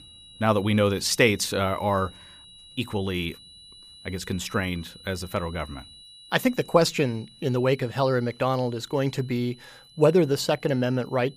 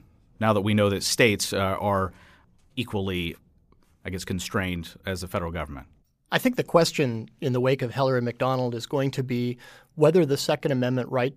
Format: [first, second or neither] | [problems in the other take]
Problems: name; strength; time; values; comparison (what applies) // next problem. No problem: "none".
second | high-pitched whine; faint; throughout; 4 kHz, 20 dB below the speech